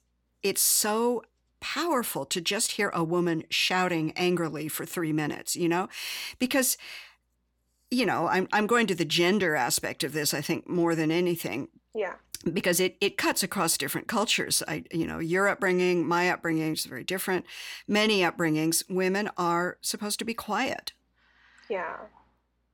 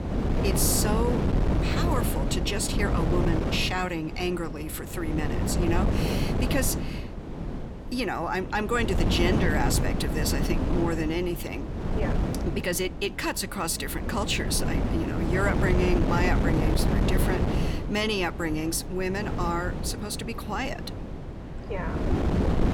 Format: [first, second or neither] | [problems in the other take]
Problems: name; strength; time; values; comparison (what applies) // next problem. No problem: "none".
first | wind noise on the microphone; heavy; 4 dB below the speech